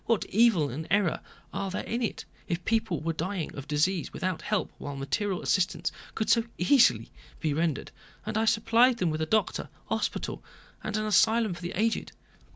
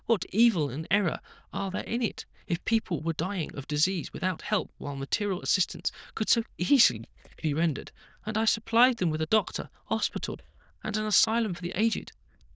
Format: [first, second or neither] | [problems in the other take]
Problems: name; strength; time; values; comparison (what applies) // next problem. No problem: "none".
first | noise reduction (neural diffusion model UNIVERSE++)